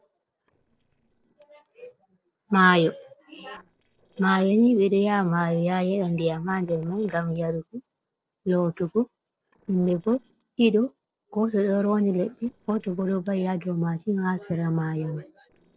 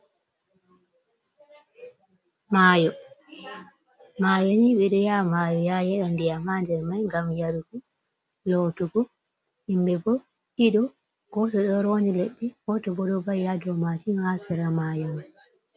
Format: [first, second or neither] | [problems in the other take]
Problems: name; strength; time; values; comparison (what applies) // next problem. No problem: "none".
second | noise reduction (neural separator model SepFormer DNS4)